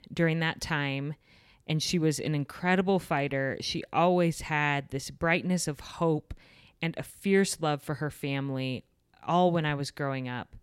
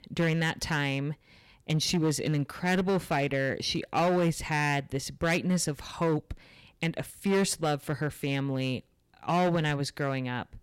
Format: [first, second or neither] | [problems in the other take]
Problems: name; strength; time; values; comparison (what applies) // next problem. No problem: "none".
first | distortion; slight; 7% of the sound clipped